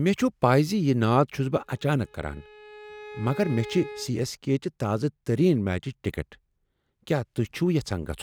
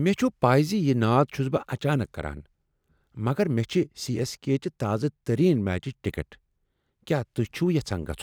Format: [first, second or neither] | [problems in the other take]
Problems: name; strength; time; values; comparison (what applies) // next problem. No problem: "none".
second | background sound (Bowed string instrument); 16 dB below the speech